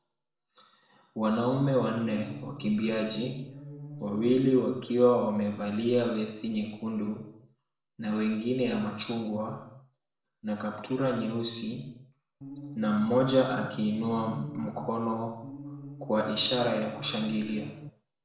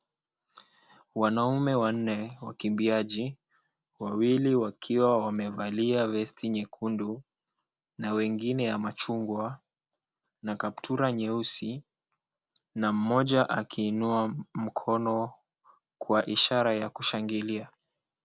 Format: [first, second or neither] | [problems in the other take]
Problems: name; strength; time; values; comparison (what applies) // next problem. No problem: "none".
second | background sound (Musical instrument); 13 dB below the speech // room echo; dies away in 0.7 s